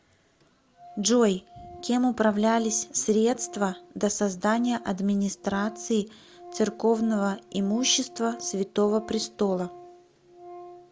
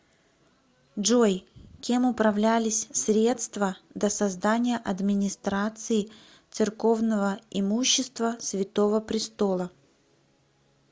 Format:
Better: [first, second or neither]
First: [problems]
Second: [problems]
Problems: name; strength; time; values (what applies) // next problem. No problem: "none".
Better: second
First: background sound (Organ); 19 dB below the speech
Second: none